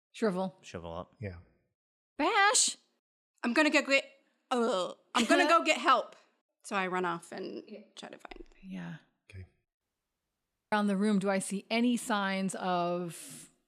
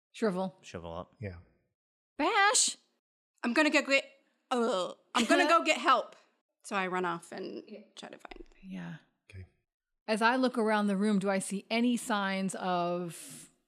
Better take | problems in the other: second | audio cutting out; at 10 s for 1 s

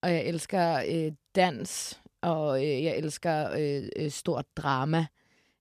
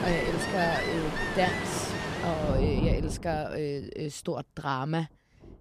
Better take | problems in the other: first | rain or running water; very loud; throughout; 1 dB above the speech

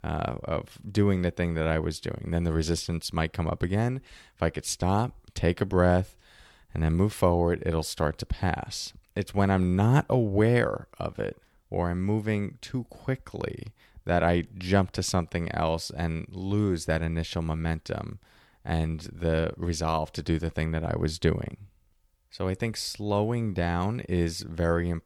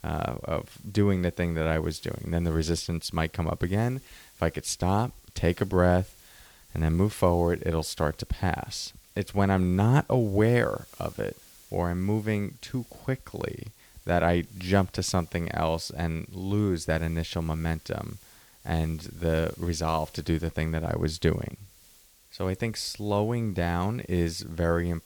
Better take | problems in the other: first | hiss; faint; throughout; 25 dB below the speech

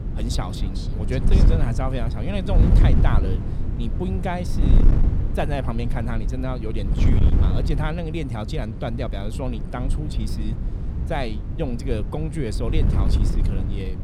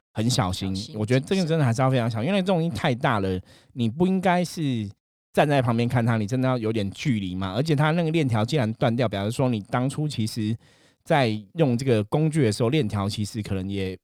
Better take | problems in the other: second | wind noise on the microphone; heavy; 5 dB below the speech

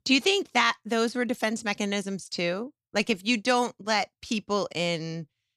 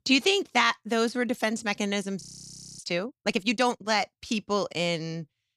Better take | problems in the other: first | audio freezing; at 2 s for 0.5 s

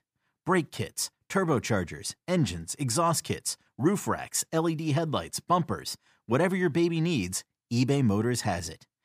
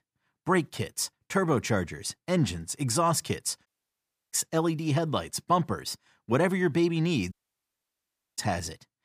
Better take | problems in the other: first | audio cutting out; at 3.5 s for 0.5 s and at 7.5 s for 1 s

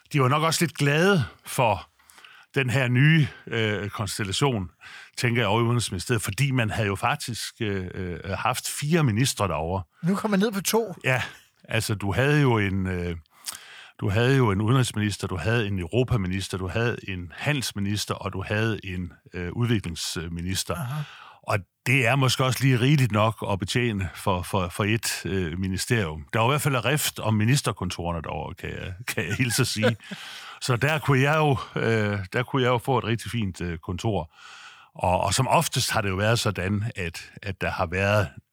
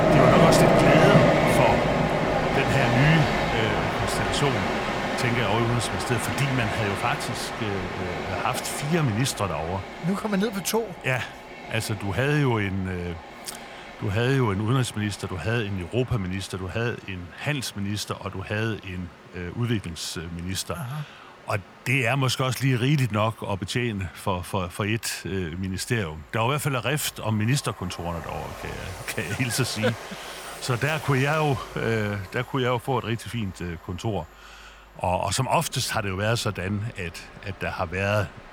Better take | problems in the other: first | train or aircraft noise; very loud; throughout; 2 dB above the speech

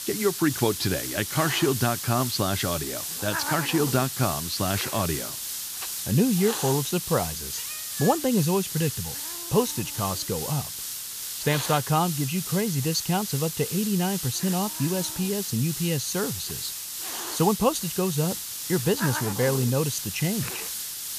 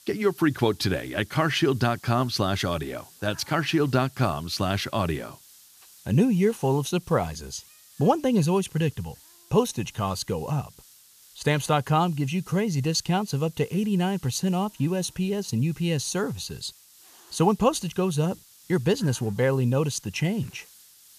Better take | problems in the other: second | hiss; loud; throughout; 4 dB below the speech; faint in the second

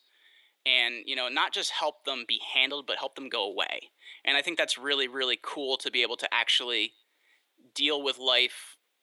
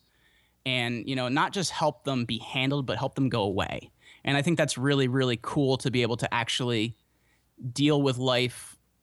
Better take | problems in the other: second | thin; very; fading below 350 Hz

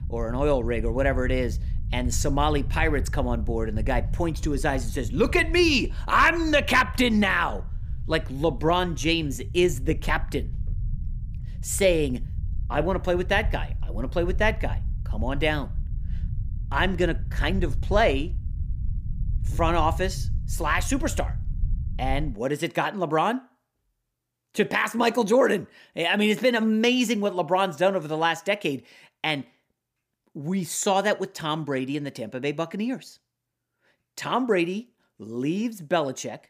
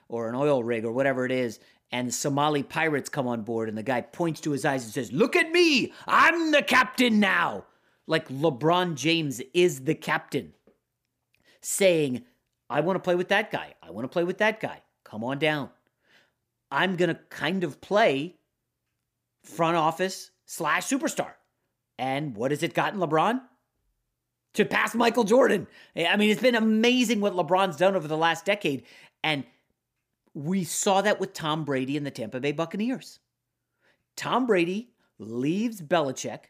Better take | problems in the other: second | low rumble; faint; until 22 s; 25 dB below the speech

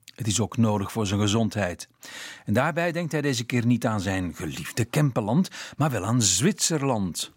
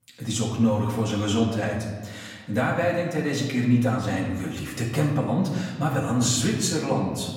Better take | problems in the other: first | off-mic speech; far // room echo; noticeable; dies away in 1.2 s

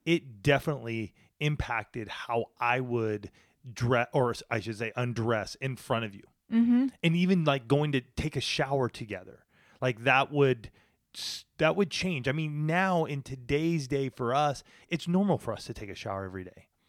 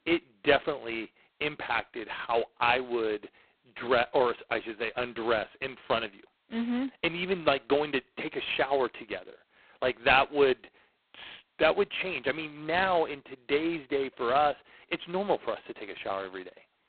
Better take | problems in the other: first | phone-call audio; poor line; nothing above 4 kHz

